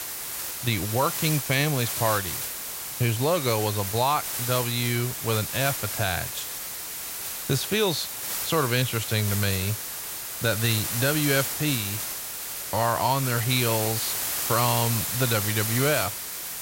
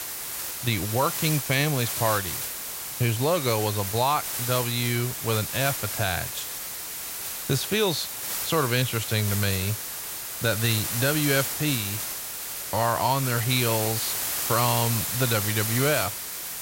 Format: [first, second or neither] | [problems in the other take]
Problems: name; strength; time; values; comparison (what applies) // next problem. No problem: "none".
neither | hiss; loud; throughout; 2 dB below the speech; the same in both